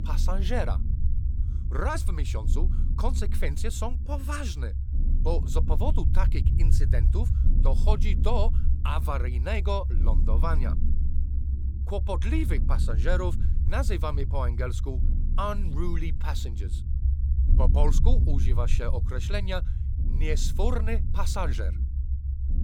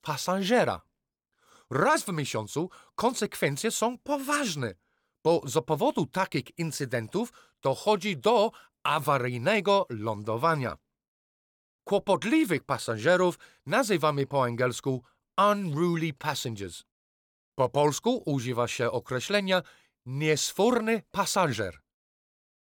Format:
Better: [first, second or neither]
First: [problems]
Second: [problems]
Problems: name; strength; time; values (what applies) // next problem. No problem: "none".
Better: second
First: low rumble; noticeable; throughout; 10 dB below the speech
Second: none